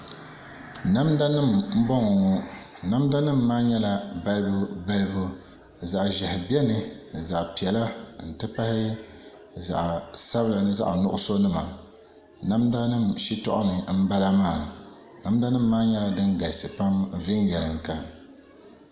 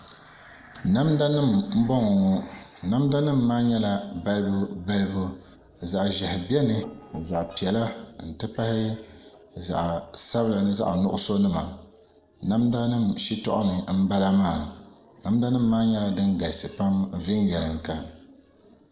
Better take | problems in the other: first | noise reduction (neural separator model SepFormer DNS4)

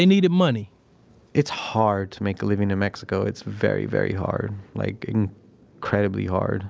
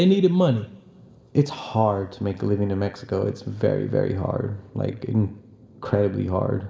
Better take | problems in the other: first | room echo; dies away in 1.3 s

